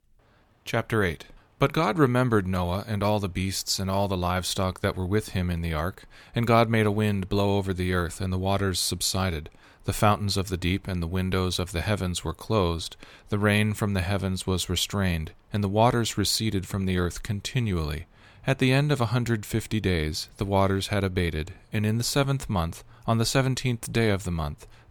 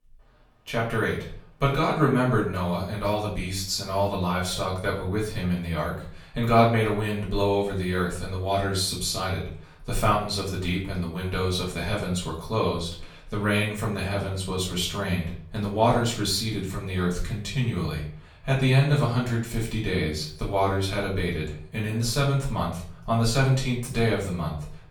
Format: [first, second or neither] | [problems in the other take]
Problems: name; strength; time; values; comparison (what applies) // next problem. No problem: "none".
first | room echo; slight; dies away in 0.4 s // off-mic speech; far